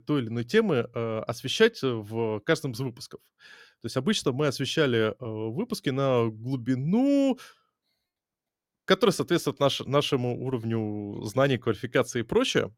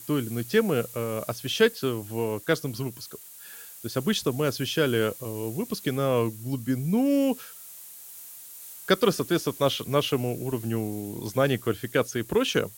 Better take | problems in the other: first | hiss; noticeable; throughout; 15 dB below the speech

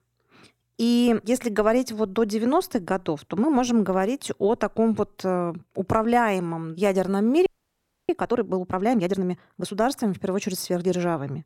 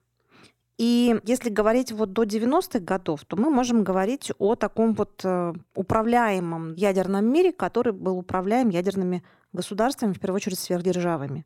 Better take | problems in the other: second | audio freezing; at 7.5 s for 0.5 s

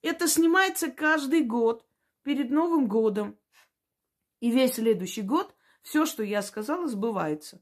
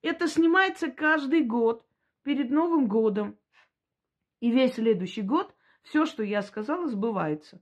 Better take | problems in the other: first | muffled; slightly; fading above 3 kHz

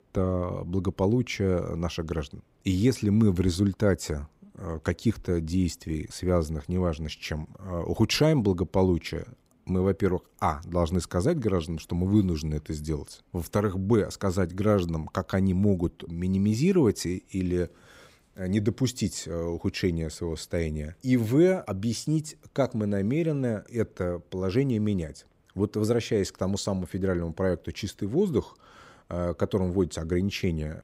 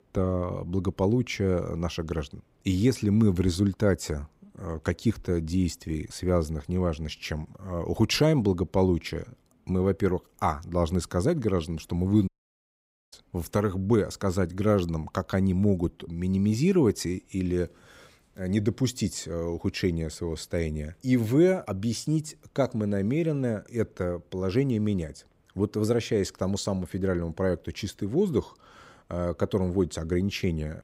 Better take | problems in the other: first | audio cutting out; at 12 s for 1 s

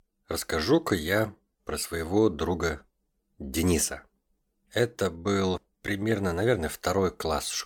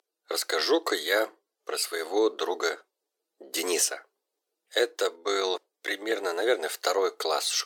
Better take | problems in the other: first | thin; very; fading below 350 Hz

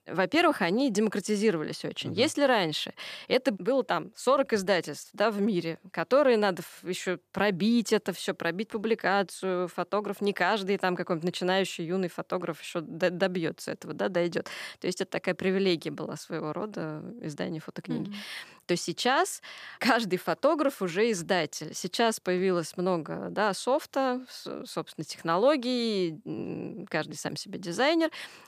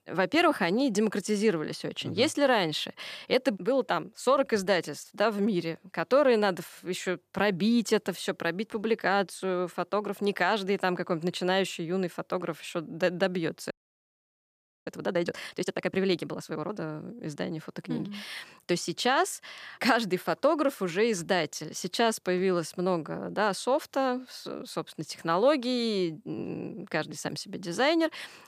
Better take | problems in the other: first | audio freezing; at 14 s for 1 s

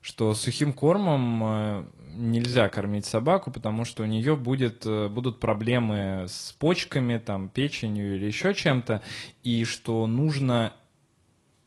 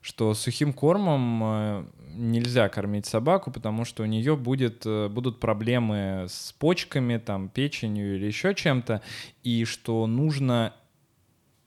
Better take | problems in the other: second | garbled, watery; slightly; nothing above 11 kHz

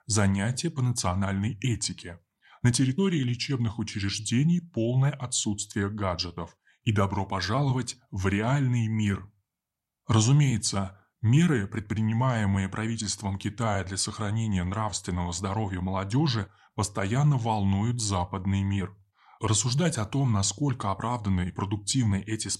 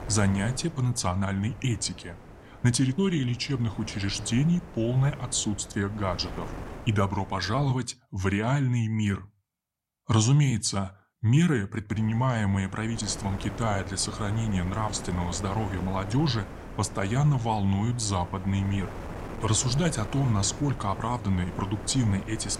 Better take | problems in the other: first | wind noise on the microphone; occasional gusts; until 7.5 s and from 12 s on; 10 dB below the speech

